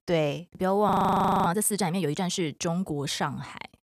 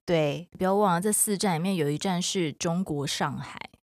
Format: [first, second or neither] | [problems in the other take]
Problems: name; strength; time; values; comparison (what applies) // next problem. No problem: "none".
second | audio freezing; at 1 s for 0.5 s